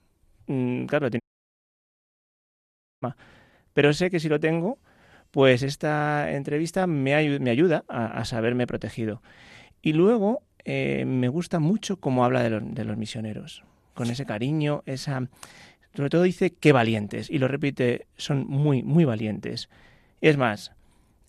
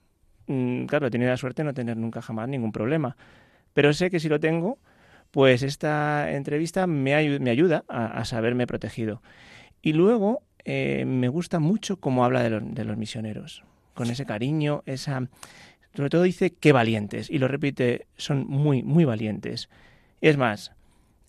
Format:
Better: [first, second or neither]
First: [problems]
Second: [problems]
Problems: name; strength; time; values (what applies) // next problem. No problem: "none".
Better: second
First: audio cutting out; at 1 s for 2 s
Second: none